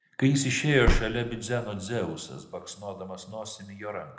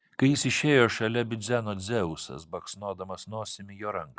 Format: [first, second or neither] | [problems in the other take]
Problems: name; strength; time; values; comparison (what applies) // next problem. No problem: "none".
second | background sound (Car); 1 dB above the speech // room echo; dies away in 0.7 s